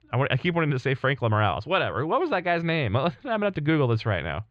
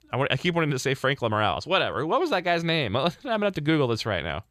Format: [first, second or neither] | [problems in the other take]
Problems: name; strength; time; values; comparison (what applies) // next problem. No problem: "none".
second | muffled; slightly; fading above 2.5 kHz